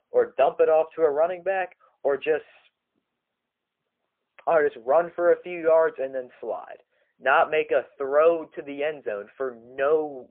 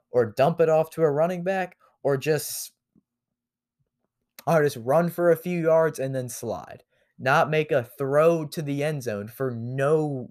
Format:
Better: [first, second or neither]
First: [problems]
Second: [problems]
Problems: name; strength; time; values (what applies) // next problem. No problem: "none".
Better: second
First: phone-call audio; poor line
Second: none